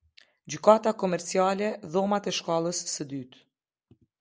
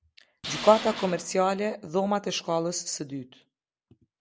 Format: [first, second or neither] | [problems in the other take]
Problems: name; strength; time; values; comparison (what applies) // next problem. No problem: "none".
first | background sound (Tools); 11 dB below the speech